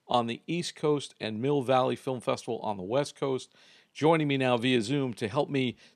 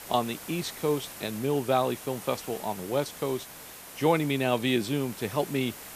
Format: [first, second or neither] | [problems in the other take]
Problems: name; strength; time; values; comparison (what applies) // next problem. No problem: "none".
first | hiss; noticeable; throughout; 15 dB below the speech